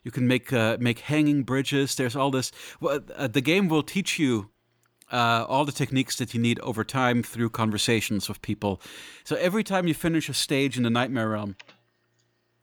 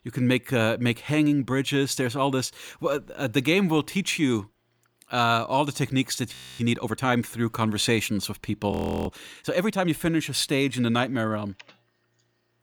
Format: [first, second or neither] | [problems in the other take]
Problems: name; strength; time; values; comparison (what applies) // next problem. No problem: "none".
first | audio freezing; at 6.5 s and at 8.5 s